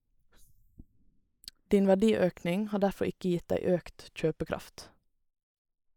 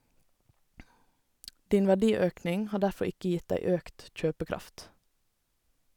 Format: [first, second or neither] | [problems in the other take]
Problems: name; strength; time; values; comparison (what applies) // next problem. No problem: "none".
second | noise reduction (neural mask model Resemble Enhance denoiser)